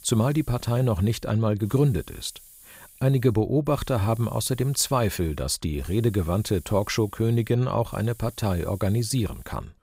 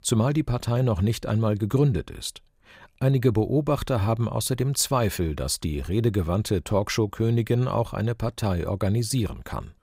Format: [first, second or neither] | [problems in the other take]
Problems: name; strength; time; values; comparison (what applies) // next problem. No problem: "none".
second | hiss; faint; throughout; 25 dB below the speech